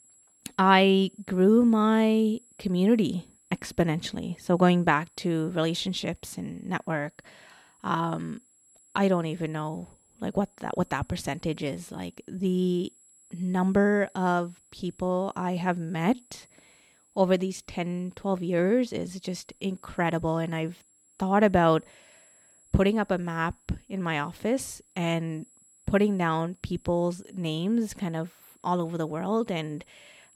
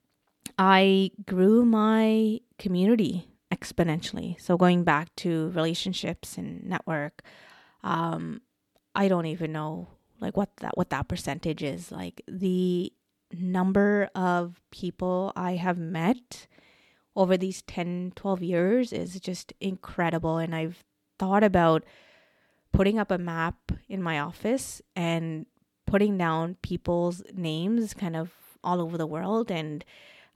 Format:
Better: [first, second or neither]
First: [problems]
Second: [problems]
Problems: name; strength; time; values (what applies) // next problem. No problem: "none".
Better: second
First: high-pitched whine; faint; throughout; 7.5 kHz, 30 dB below the speech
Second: none